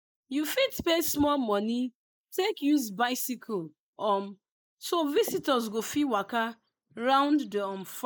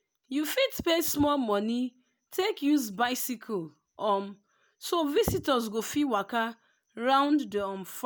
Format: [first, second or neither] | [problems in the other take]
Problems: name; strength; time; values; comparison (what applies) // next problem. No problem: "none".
second | noise reduction (neural mask model Resemble Enhance denoiser)